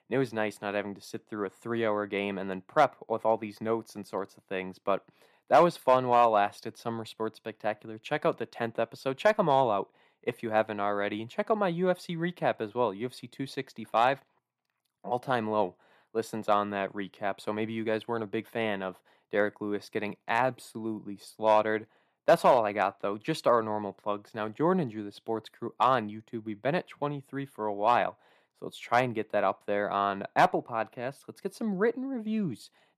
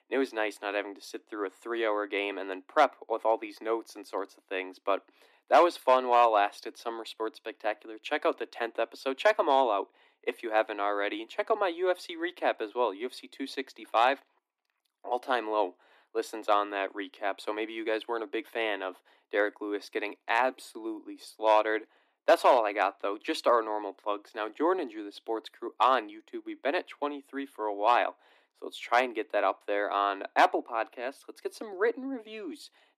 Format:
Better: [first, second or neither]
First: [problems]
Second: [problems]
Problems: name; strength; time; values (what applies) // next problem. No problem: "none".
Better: first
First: none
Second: thin; somewhat; fading below 250 Hz